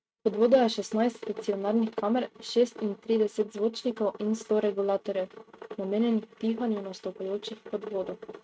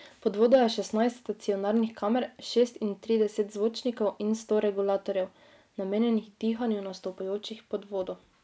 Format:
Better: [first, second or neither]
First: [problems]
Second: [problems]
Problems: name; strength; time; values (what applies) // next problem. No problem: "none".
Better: second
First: noise reduction (neural mask model RNNoise)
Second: none